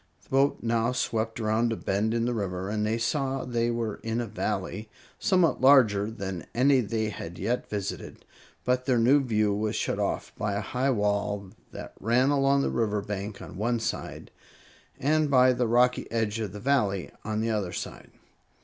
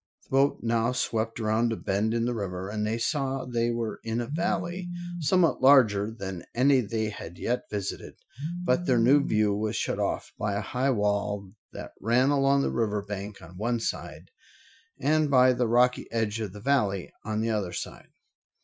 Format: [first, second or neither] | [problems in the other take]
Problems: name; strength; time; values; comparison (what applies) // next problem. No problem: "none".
first | noise reduction (classical method Wiener filter)